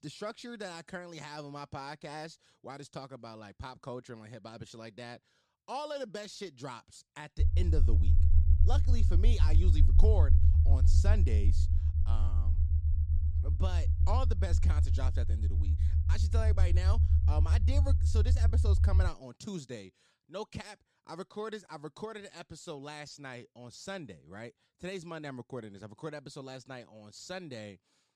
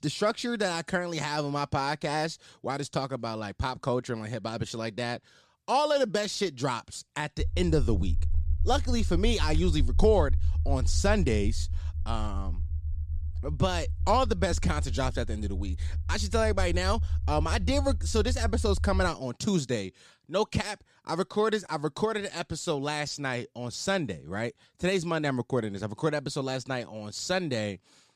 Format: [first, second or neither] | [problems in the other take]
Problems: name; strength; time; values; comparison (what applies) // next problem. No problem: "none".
second | low rumble; loud; from 7.5 to 19 s; 4 dB below the speech; faint in the second